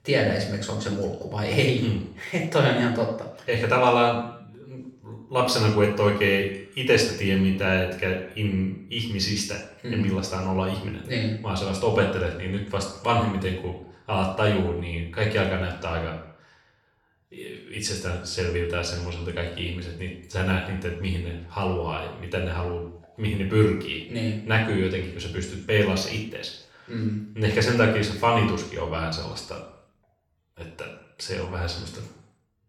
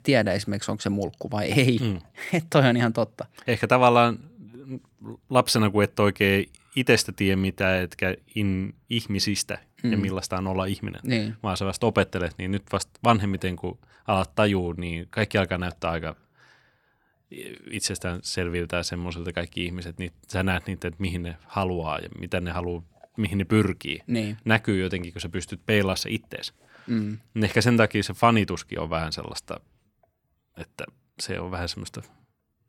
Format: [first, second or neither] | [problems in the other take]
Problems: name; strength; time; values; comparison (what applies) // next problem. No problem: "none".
second | room echo; noticeable; dies away in 0.6 s // off-mic speech; far